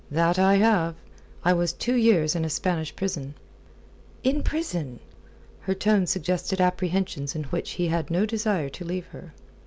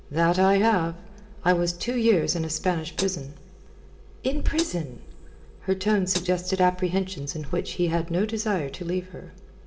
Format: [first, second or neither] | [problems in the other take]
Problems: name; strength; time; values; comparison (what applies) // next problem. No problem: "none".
first | background sound (Hi-hat); 14 dB below the speech // room echo; dies away in 0.8 s